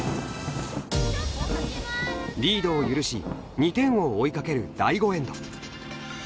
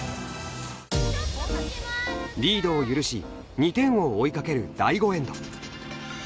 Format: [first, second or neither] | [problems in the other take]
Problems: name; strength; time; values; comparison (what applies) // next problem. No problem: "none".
second | background sound (Thunder); 11 dB below the speech